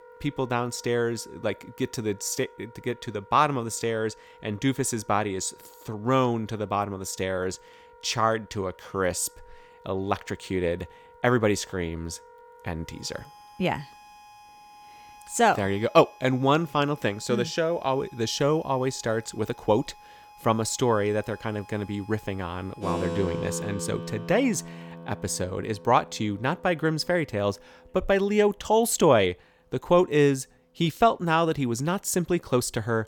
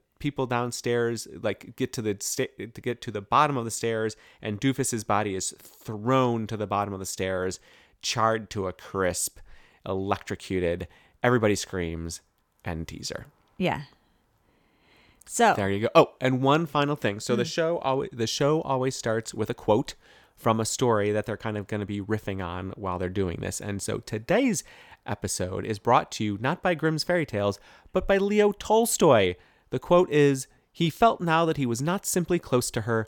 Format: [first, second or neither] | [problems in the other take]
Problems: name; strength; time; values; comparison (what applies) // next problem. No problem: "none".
second | background music; noticeable; throughout; 20 dB below the speech